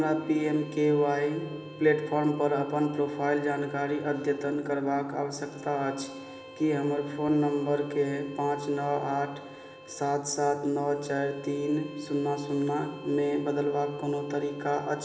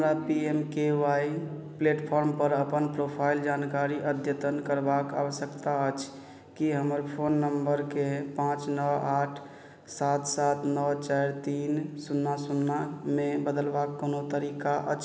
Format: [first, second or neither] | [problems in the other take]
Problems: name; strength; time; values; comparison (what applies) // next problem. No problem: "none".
second | background sound (Bowed string instrument); 19 dB below the speech // room echo; dies away in 0.9 s